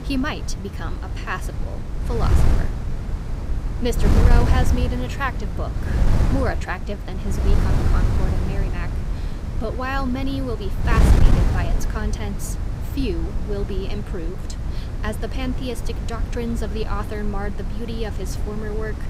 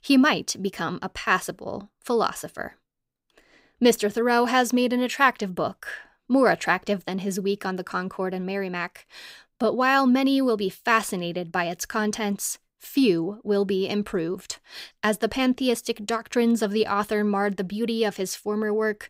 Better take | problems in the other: second | wind noise on the microphone; heavy; 4 dB below the speech

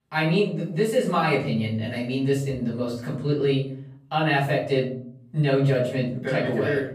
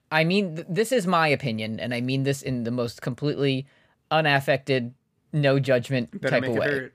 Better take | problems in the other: second | room echo; noticeable; dies away in 0.6 s // off-mic speech; far

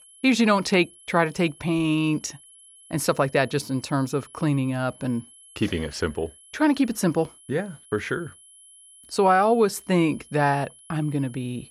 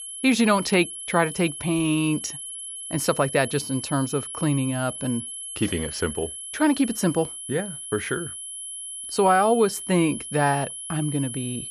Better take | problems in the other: first | high-pitched whine; loud; throughout; 11 kHz, 8 dB below the speech; faint in the first

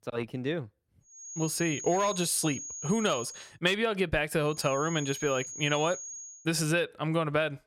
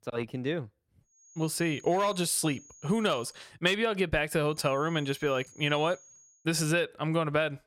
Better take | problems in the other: second | high-pitched whine; loud; from 1 to 3.5 s and from 4.5 to 6.5 s; 6.5 kHz, 9 dB below the speech; faint in the second

